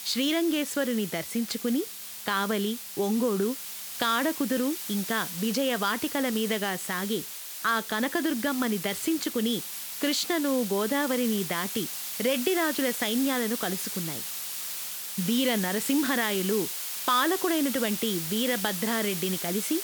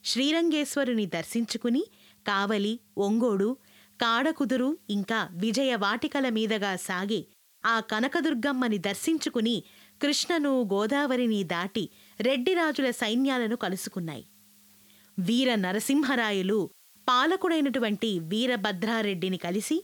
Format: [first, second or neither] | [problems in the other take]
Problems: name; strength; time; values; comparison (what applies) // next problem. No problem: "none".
second | hiss; loud; throughout; 5 dB below the speech; faint in the second